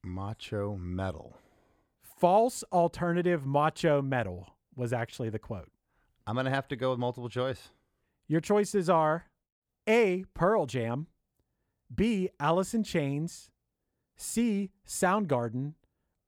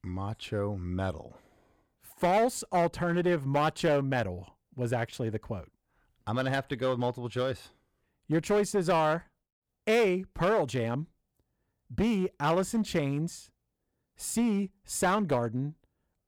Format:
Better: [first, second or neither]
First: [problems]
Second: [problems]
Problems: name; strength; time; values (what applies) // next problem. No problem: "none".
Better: first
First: none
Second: distortion; slight; 5% of the sound clipped